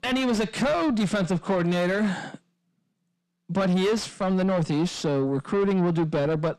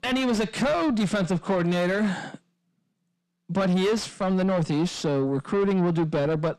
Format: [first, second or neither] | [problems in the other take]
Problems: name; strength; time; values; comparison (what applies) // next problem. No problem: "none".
neither | distortion; heavy; 6 dB below the speech; the same in both